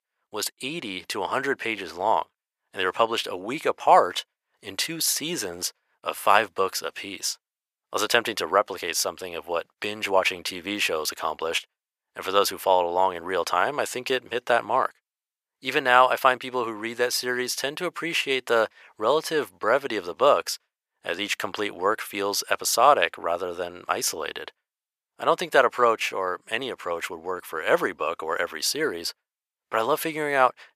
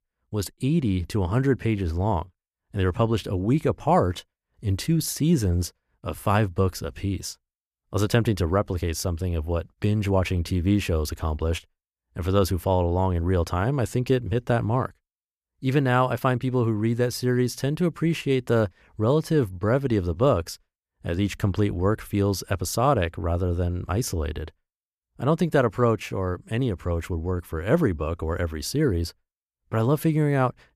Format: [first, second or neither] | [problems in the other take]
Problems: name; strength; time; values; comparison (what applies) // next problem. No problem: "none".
second | thin; very; fading below 700 Hz